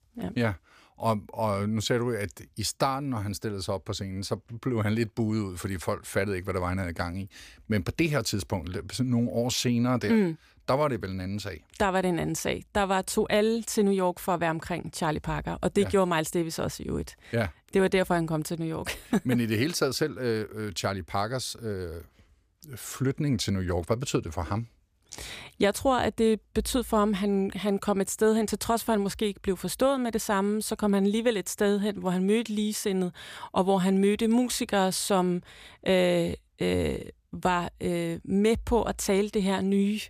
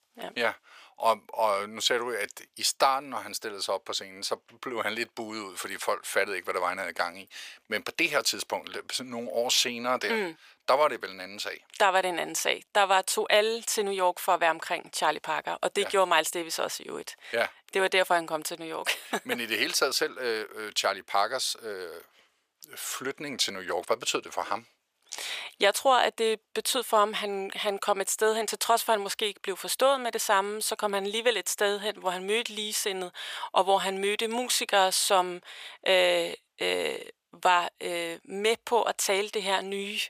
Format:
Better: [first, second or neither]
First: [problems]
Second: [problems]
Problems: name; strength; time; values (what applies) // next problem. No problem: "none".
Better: first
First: none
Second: thin; very; fading below 650 Hz